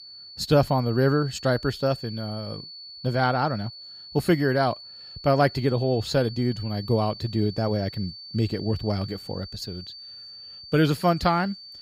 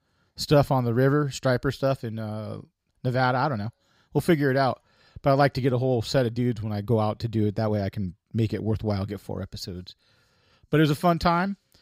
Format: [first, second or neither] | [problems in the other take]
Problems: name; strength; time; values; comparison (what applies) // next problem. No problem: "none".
second | high-pitched whine; noticeable; throughout; 4.5 kHz, 15 dB below the speech